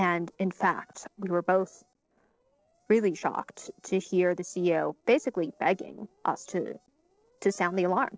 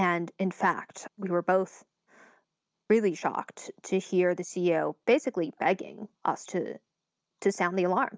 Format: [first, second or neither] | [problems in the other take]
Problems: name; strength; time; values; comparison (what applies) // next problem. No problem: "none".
second | noise reduction (neural separator model SepFormer DNS4)